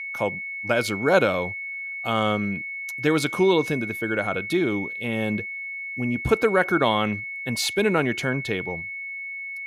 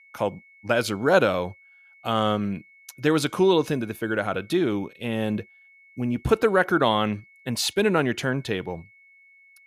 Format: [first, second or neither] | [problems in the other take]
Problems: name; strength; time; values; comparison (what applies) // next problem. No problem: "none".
second | high-pitched whine; loud; throughout; 2 kHz, 6 dB below the speech; faint in the second